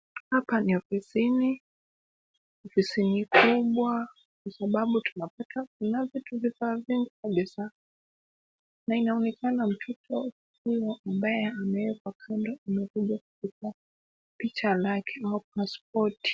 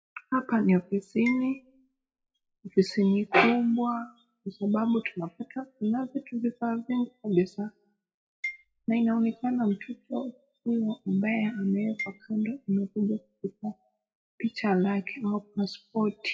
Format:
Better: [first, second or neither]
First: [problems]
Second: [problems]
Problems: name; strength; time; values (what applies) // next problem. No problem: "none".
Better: first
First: none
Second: noise reduction (classical method WPE with log-MMSE)